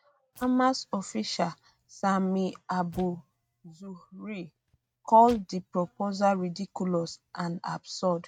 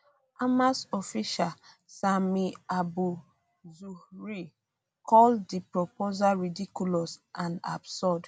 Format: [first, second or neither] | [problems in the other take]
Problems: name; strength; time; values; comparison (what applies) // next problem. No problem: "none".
second | noise reduction (neural mask model RNNoise)